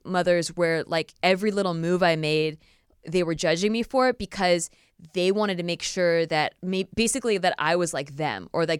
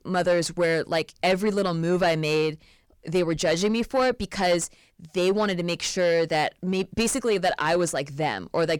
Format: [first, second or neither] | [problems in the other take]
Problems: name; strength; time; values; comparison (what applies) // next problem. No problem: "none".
first | distortion; slight; 10 dB below the speech